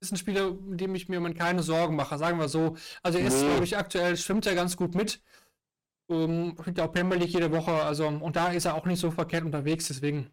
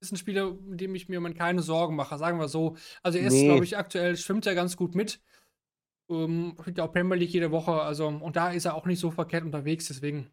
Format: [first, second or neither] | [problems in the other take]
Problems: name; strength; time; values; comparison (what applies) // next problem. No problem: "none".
second | distortion; heavy; 17% of the sound clipped